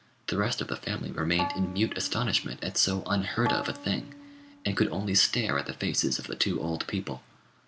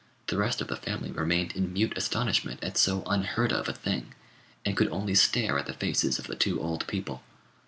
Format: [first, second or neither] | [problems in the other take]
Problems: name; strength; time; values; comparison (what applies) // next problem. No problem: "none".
second | background sound (Bowed string instrument); 10 dB below the speech